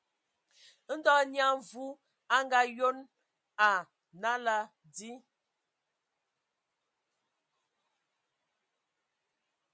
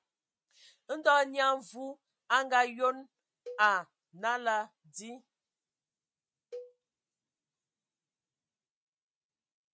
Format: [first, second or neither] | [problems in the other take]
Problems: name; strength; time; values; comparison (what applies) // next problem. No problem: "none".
first | noise reduction (neural mask model RNNoise)